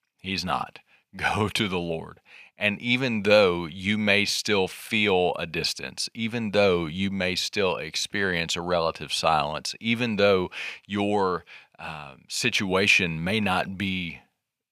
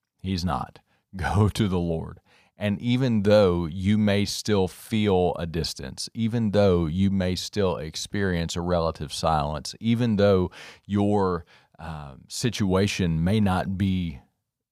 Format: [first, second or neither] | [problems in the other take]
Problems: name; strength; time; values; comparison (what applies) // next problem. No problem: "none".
second | thin; very slightly; fading below 350 Hz